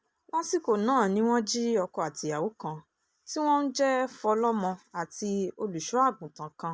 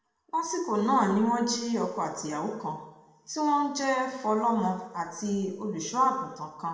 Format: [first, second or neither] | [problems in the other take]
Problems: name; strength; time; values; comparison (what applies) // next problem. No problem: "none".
first | room echo; dies away in 0.9 s